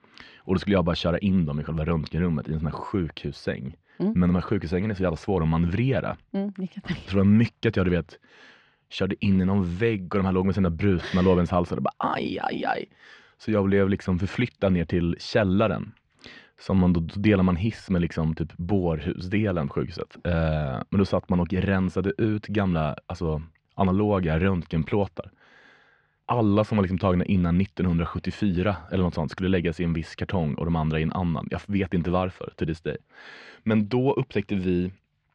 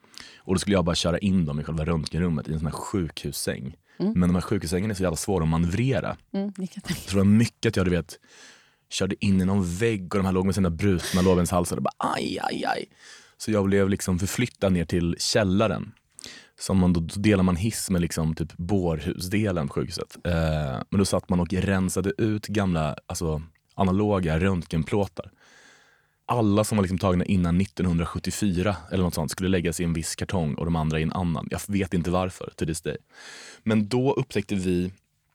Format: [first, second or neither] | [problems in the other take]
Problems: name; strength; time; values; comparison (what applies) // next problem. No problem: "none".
second | muffled; slightly; fading above 3.5 kHz